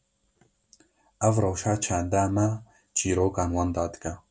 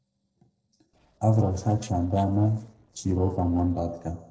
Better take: first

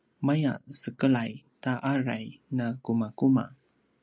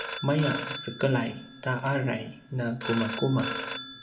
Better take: first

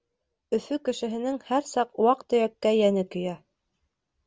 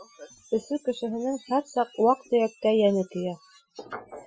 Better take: first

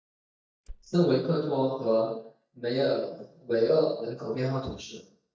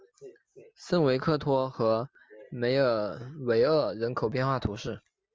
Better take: second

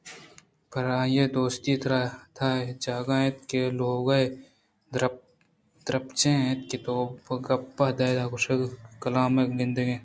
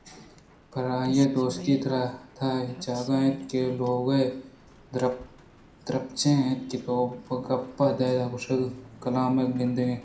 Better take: first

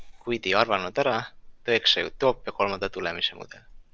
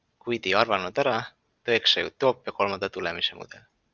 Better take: second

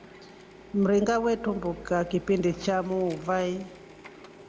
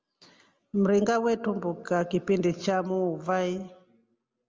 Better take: second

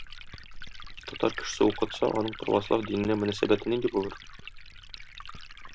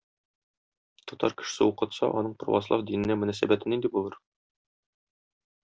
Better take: second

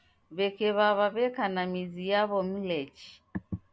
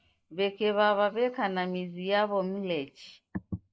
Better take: first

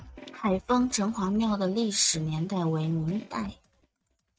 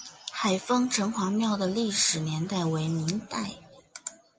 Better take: second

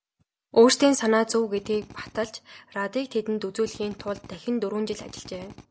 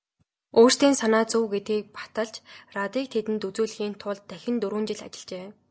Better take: second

